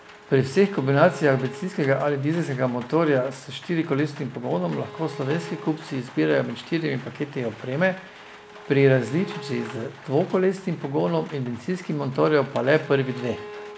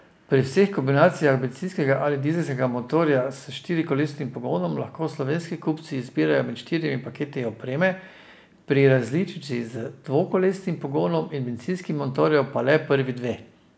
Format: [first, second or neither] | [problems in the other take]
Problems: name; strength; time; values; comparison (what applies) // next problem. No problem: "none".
second | background sound (Bowed string instrument + Rain); 18 dB below the speech